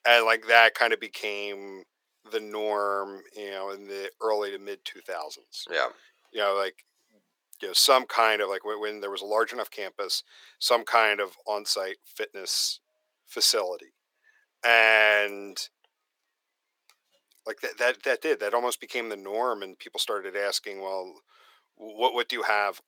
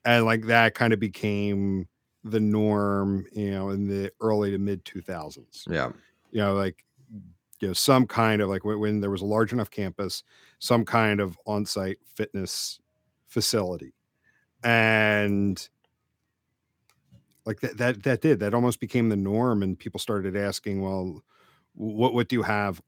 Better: second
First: thin; very; fading below 500 Hz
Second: none

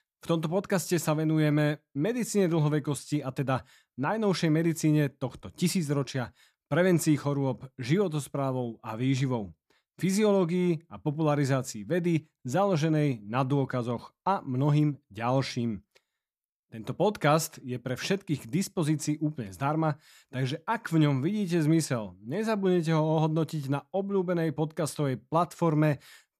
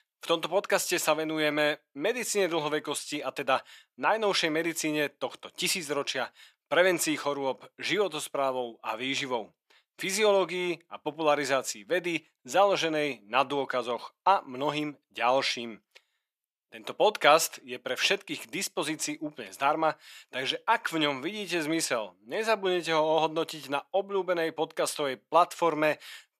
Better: first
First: none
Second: thin; very; fading below 550 Hz

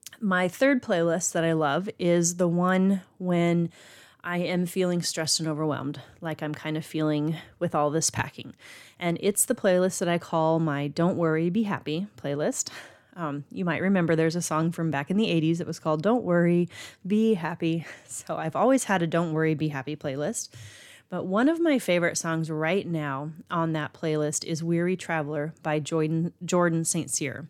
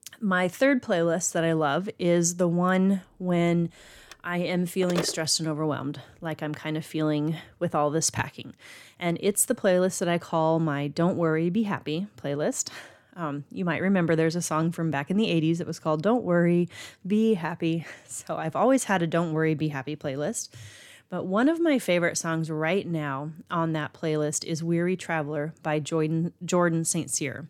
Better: first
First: none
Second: phone ringing; noticeable; from 4 to 5 s; peak 6 dB below the speech

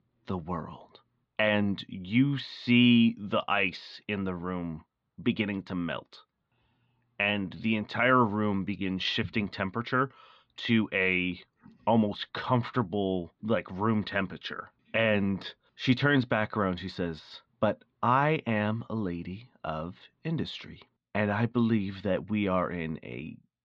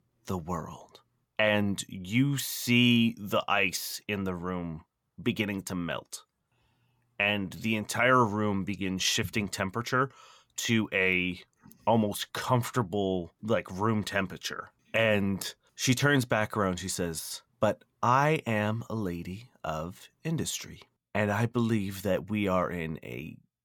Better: second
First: muffled; slightly; fading above 4 kHz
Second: none

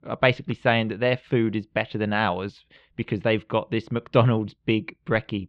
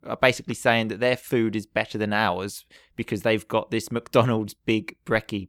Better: second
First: muffled; slightly; fading above 3.5 kHz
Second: none

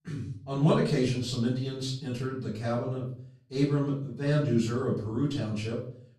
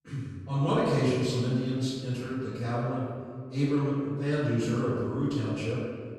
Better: first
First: room echo; slight; dies away in 0.5 s // off-mic speech; far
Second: room echo; strong; dies away in 1.7 s // off-mic speech; far

